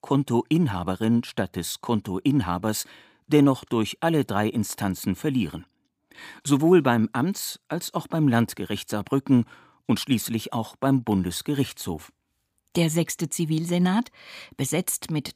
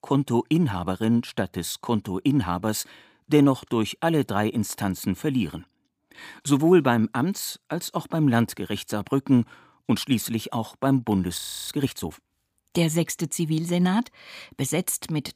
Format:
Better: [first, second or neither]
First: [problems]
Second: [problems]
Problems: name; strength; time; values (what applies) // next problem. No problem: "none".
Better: first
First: none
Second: audio freezing; at 11 s